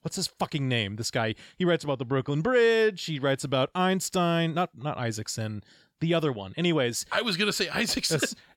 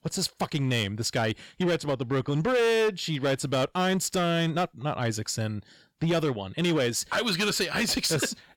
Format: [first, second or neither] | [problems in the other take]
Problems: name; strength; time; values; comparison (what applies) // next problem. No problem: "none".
first | distortion; slight; 11% of the sound clipped